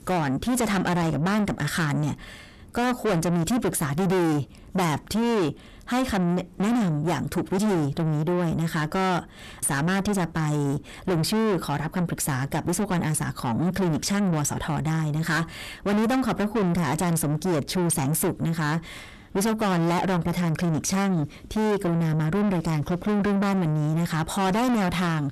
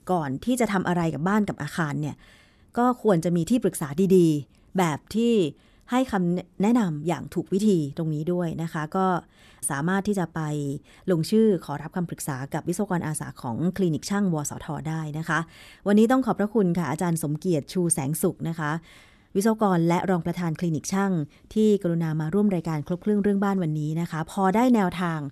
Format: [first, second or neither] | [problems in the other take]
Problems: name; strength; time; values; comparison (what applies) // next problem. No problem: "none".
second | distortion; heavy; 5 dB below the speech